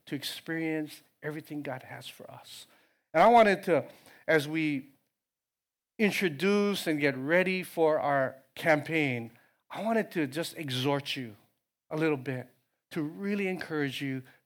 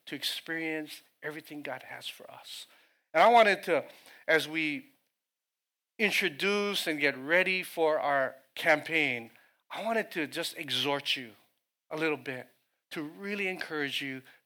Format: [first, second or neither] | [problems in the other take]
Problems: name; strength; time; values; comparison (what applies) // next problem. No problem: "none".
first | thin; very slightly; fading below 1 kHz